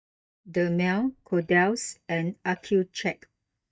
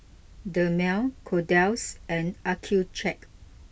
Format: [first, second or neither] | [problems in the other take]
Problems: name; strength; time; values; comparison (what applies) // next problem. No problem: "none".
second | noise reduction (neural mask model DeepFilterNet 3)